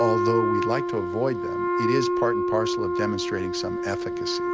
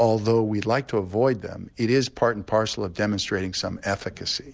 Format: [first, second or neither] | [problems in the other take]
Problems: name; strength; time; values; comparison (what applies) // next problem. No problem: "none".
second | background sound (Wind instrument, woodwind instrument); 3 dB above the speech